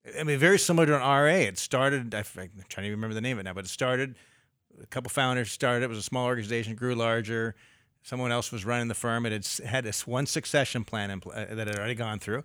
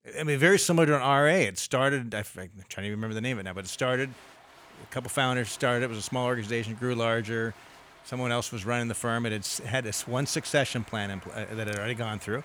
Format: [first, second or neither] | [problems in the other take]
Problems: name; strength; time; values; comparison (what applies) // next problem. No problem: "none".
first | crowd noise; faint; from 3 s on; 25 dB below the speech